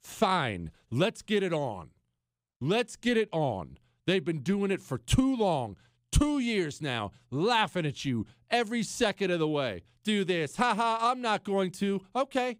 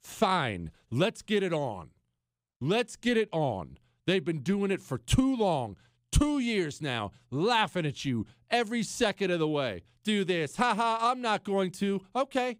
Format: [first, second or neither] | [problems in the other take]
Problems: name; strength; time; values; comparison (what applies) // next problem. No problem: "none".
neither | none